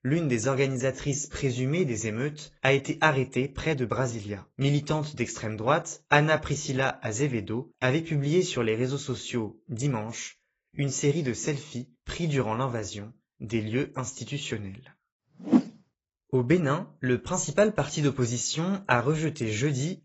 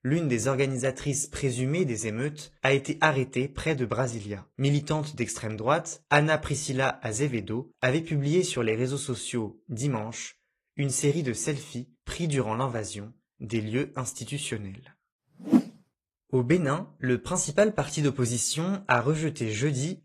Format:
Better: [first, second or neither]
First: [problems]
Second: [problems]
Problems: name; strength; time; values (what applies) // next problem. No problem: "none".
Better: second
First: garbled, watery; badly; nothing above 7.5 kHz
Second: garbled, watery; slightly